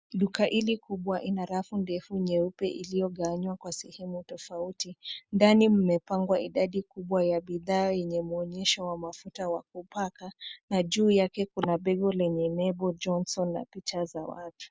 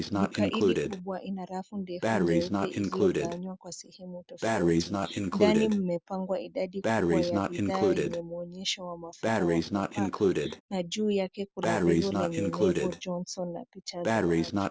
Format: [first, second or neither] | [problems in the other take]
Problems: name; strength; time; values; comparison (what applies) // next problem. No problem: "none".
first | background sound (Breathing); 3 dB above the speech